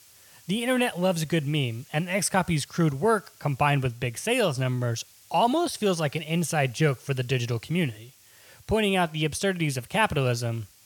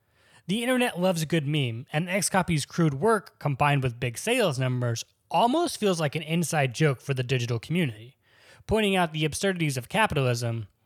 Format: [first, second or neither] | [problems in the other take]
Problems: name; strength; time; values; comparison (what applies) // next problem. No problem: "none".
second | hiss; faint; throughout; 25 dB below the speech